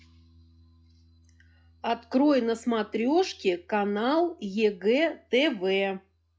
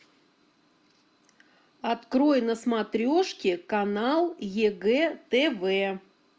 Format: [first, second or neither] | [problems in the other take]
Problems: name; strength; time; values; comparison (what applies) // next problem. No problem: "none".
second | noise reduction (classical method log-MMSE)